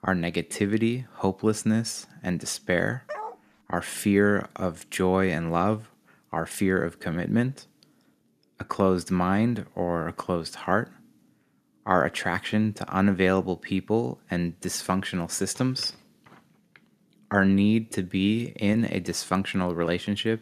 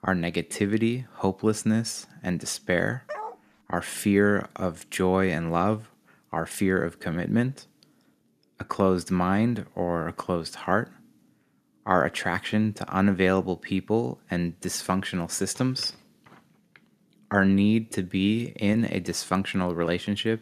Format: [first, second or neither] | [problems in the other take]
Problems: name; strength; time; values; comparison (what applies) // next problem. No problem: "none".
neither | dog barking; faint; at 3 s; peak 10 dB below the speech; the same in both